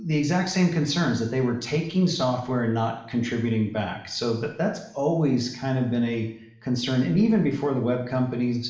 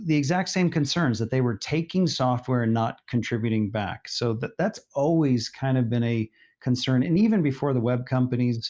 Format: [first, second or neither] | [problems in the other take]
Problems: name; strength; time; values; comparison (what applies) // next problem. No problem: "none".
second | room echo; dies away in 0.7 s